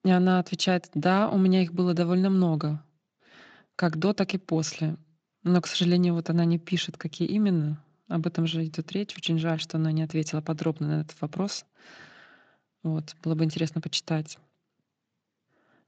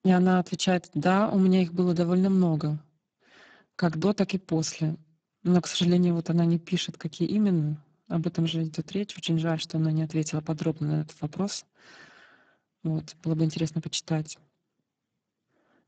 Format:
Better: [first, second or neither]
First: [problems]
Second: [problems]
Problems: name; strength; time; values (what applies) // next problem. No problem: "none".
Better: first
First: garbled, watery; slightly; nothing above 7.5 kHz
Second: garbled, watery; badly; nothing above 7.5 kHz